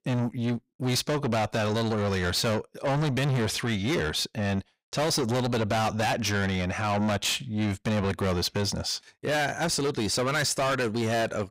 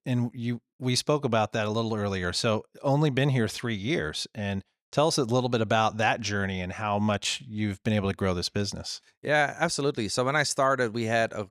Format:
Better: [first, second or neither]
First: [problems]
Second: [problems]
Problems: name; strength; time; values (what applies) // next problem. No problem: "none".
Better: second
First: distortion; heavy; 6 dB below the speech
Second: none